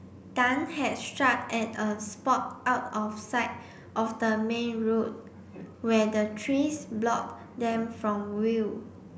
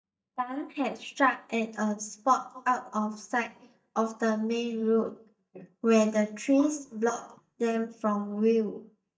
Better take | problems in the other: first | noise reduction (neural mask model DeepFilterNet 3)

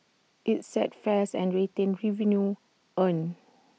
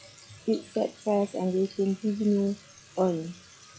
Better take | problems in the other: first | noise reduction (classical method log-MMSE)

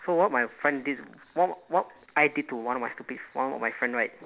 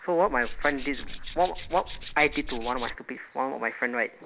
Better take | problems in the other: first | background sound (Tools); 7 dB below the speech

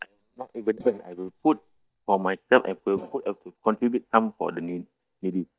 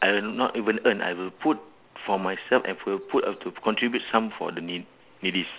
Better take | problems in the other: second | noise reduction (neural mask model DeepFilterNet 3)

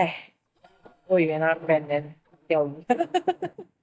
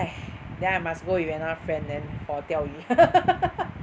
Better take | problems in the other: second | noise reduction (neural mask model DeepFilterNet 3)

